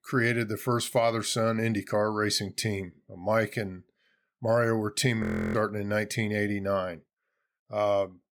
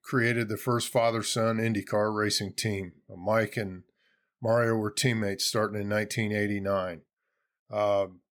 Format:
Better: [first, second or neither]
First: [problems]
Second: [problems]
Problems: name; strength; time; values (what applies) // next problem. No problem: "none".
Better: second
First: audio freezing; at 5 s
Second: none